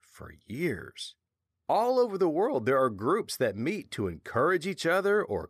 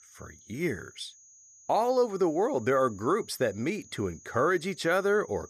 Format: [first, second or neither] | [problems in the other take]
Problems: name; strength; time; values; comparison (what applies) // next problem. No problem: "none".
first | high-pitched whine; faint; throughout; 6.5 kHz, 25 dB below the speech